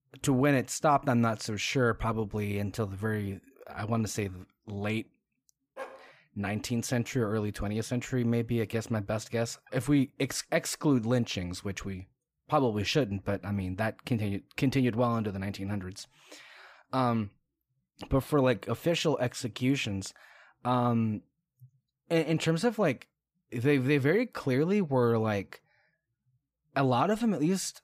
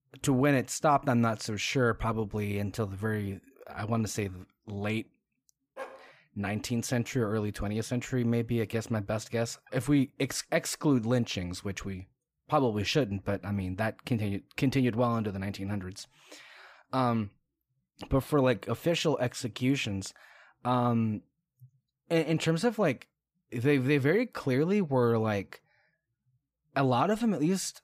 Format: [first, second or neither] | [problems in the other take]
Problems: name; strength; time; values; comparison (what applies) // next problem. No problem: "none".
neither | dog barking; faint; at 6 s; peak 15 dB below the speech; the same in both